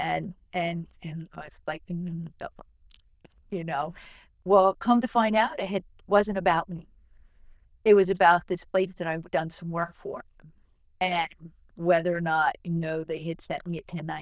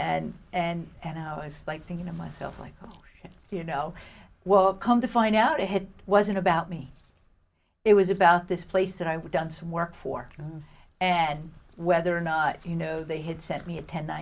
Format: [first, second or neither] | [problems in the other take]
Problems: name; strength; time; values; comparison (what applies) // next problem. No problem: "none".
second | noise reduction (neural diffusion model UNIVERSE++)